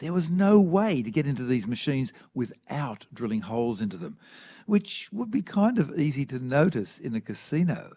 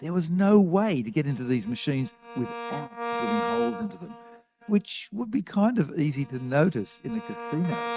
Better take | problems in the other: first | noise reduction (neural mask model RNNoise)

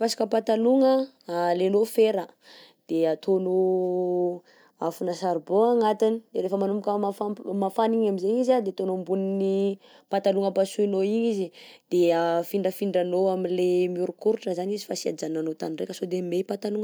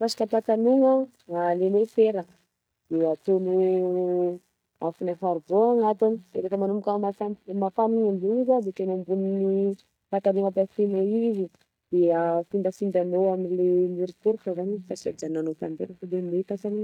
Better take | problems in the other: first | noise reduction (neural mask model DeepFilterNet 3)

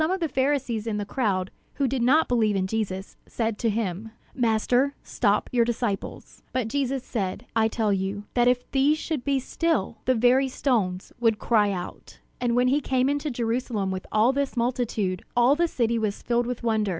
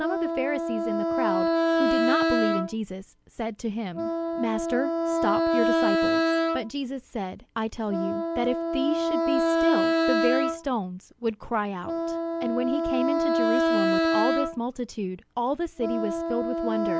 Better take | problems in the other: first | background sound (Wind instrument, woodwind instrument); 4 dB above the speech

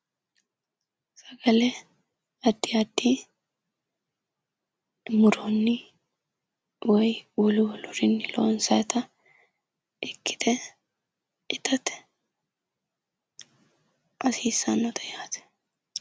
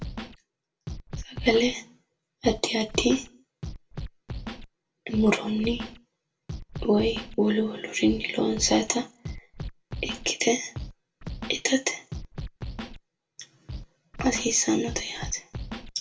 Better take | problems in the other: first | background sound (Scratching (performance technique)); 10 dB below the speech // room echo; dies away in 0.2 s

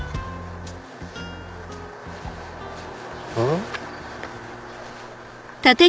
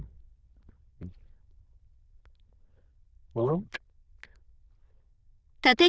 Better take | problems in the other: first | noise reduction (neural diffusion model UNIVERSE++)

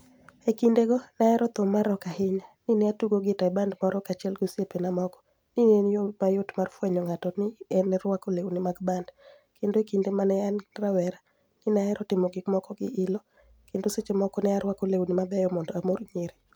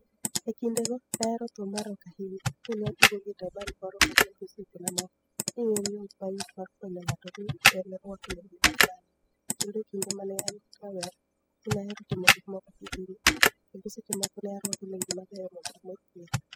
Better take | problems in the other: first | noise reduction (classical method spectral subtraction)

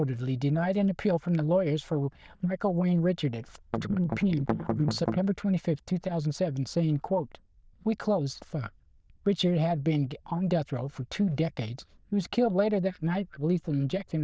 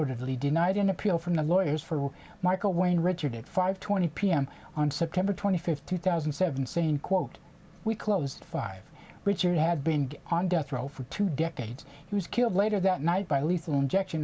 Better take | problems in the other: second | noise reduction (neural diffusion model UNIVERSE++)

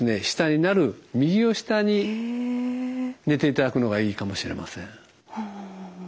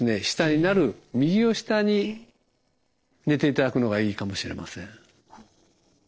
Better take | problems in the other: first | noise reduction (neural separator model SepFormer DNS4)

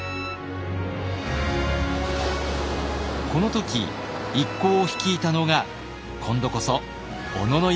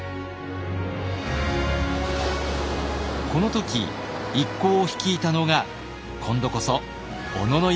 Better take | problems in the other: second | background sound (Bowed string instrument); 19 dB below the speech

